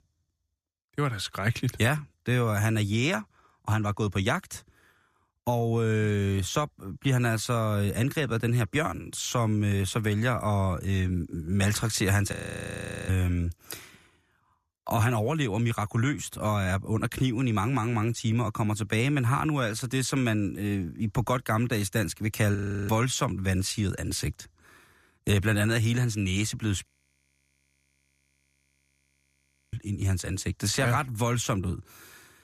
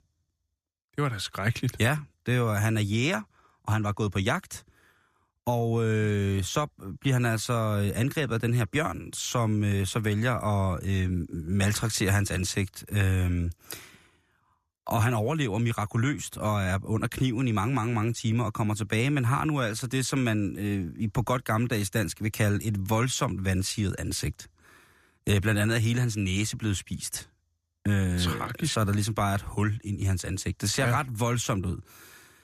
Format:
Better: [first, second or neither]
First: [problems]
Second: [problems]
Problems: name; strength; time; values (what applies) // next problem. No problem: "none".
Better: second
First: audio freezing; at 12 s for 1 s, at 23 s and at 27 s for 3 s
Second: none